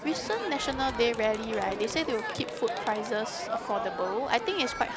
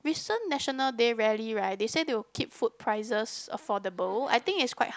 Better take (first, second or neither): second